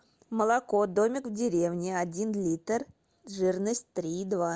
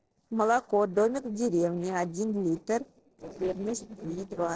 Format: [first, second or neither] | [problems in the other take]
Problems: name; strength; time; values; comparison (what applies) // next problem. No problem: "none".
first | noise reduction (neural separator model SepFormer DNS4)